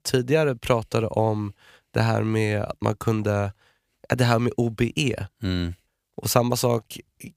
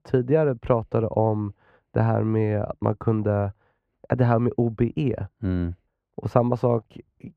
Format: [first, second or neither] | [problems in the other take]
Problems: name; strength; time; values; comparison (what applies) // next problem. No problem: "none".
first | muffled; very; fading above 3 kHz